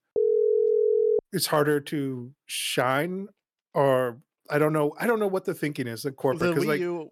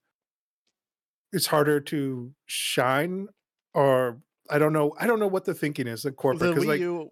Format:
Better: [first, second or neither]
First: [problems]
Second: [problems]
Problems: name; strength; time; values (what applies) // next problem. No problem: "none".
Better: second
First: phone ringing; loud; until 1 s; peak 4 dB above the speech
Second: none